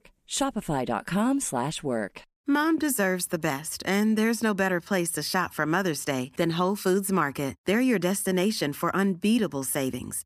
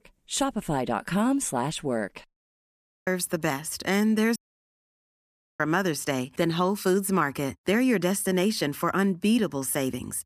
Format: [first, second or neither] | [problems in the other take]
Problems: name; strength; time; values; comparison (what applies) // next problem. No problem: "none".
first | audio cutting out; at 2.5 s for 0.5 s and at 4.5 s for 1 s